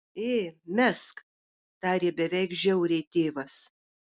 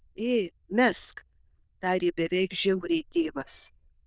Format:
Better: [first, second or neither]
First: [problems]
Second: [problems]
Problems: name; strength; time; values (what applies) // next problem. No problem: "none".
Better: first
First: none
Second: noise reduction (neural diffusion model UNIVERSE++)